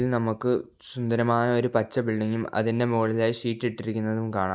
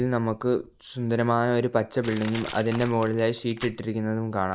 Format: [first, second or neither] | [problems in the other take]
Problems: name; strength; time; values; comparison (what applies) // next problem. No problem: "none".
first | background sound (Crushing); 19 dB below the speech